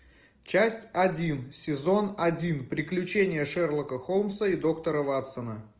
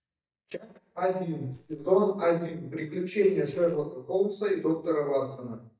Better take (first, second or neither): first